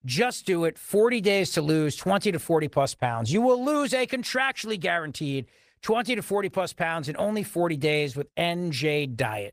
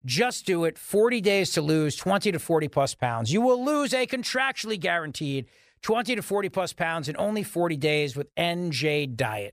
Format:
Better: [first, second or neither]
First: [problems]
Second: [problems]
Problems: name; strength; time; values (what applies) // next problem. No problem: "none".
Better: second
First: garbled, watery; slightly; nothing above 15 kHz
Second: none